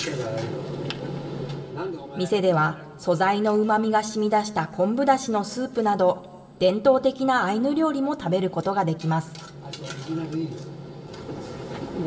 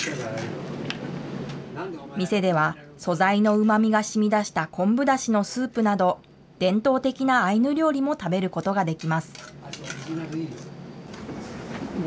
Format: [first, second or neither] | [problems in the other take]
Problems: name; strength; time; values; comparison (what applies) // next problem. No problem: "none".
second | room echo; dies away in 2.4 s